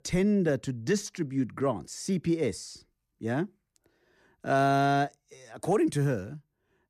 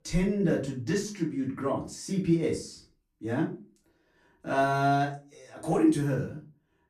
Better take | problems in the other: first | off-mic speech; far // room echo; slight; dies away in 0.3 s

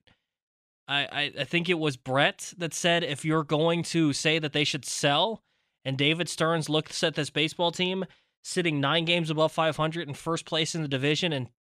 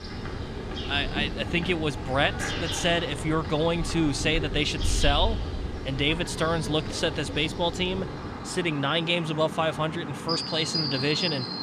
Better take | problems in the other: first | animal sounds; loud; throughout; 5 dB below the speech

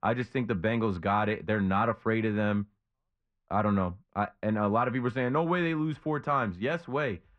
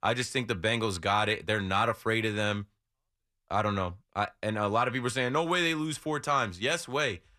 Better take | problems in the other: second | muffled; very; fading above 1.5 kHz

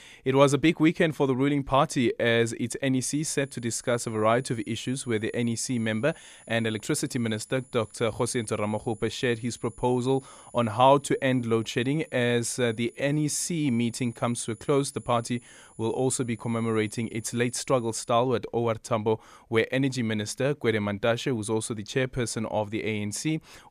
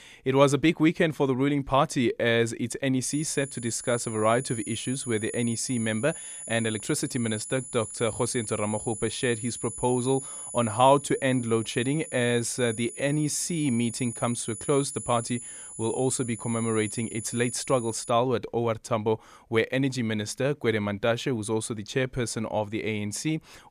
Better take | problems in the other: first | high-pitched whine; loud; from 3 to 18 s; 10 kHz, 10 dB below the speech; faint in the first

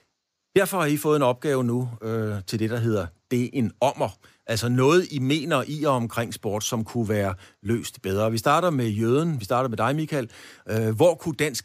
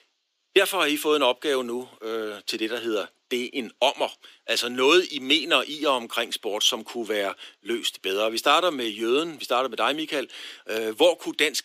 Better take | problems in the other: first | thin; somewhat; fading below 300 Hz

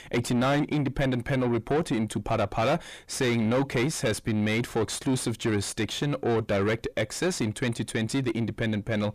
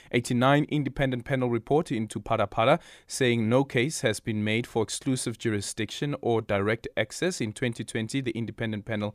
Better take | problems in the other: second | distortion; heavy; 7 dB below the speech

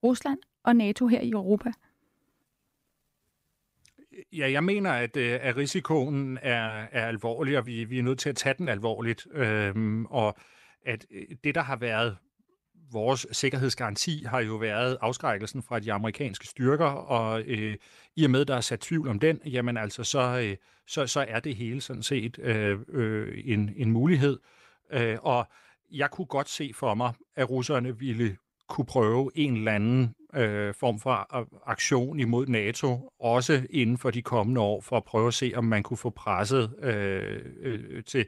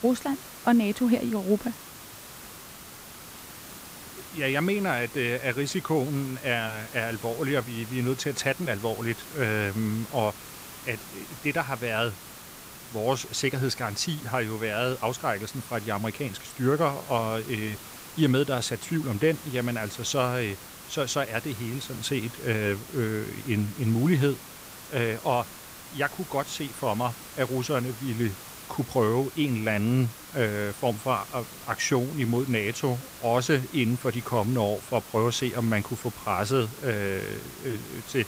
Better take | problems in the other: first | hiss; noticeable; throughout; 15 dB below the speech

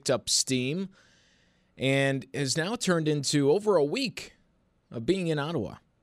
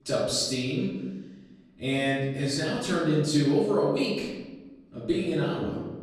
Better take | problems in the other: first | off-mic speech; far // room echo; noticeable; dies away in 1.1 s

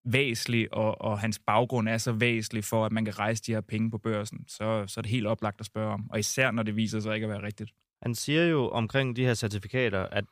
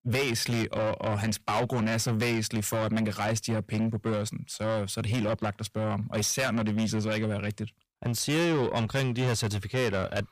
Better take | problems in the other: first | distortion; heavy; 7 dB below the speech

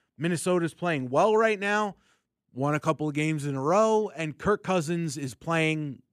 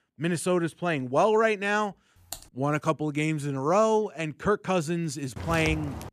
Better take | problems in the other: first | keyboard typing; faint; at 2.5 s; peak 15 dB below the speech // footsteps; noticeable; at 5.5 s; peak 7 dB below the speech

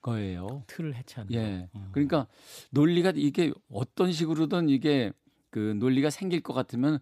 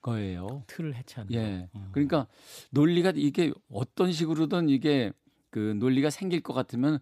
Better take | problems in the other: neither | none

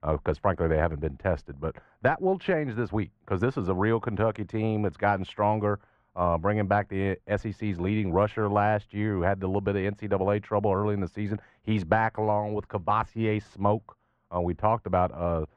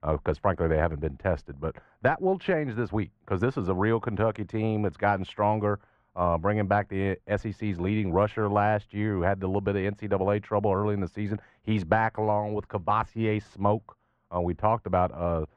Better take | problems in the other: neither | muffled; very; fading above 4 kHz; the same in both

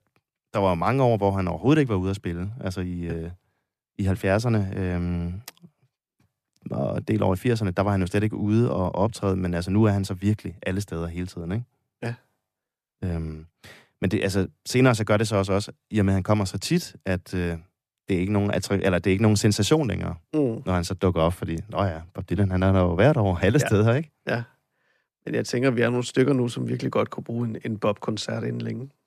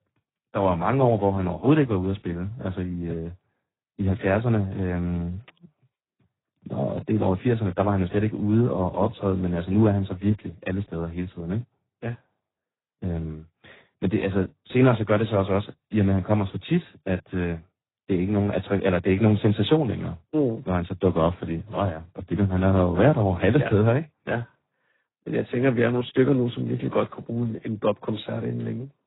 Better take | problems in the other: first | garbled, watery; badly; nothing above 4 kHz

